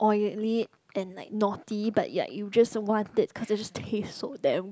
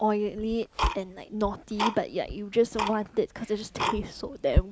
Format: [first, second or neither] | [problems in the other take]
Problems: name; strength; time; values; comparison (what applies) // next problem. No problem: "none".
first | background sound (Tick-tock); 3 dB below the speech